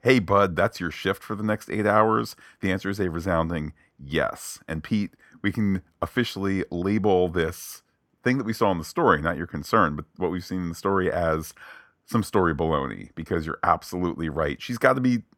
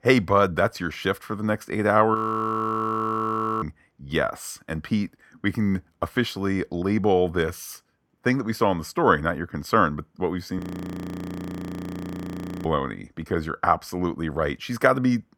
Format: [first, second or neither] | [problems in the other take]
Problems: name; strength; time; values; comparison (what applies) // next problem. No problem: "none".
first | audio freezing; at 2 s for 1.5 s and at 11 s for 2 s